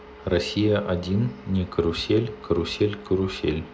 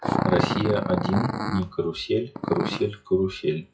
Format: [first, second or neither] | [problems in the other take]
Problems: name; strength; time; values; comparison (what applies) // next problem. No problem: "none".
first | noise reduction (classical method WPE with log-MMSE)